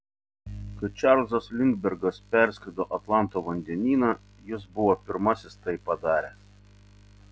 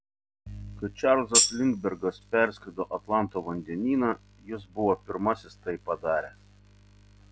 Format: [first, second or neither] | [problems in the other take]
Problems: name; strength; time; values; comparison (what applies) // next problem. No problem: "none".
first | background sound (Tambourine); 4 dB above the speech